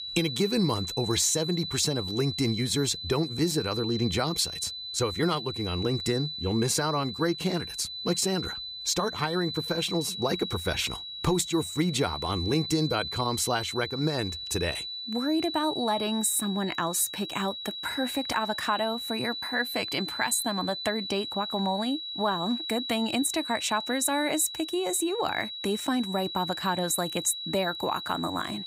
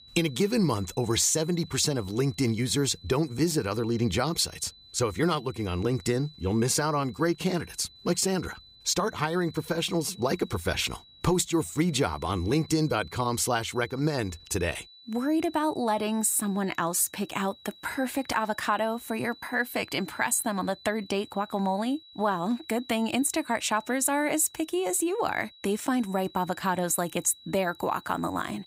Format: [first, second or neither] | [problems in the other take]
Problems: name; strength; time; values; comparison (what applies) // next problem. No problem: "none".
second | high-pitched whine; loud; throughout; 4 kHz, 5 dB below the speech; faint in the second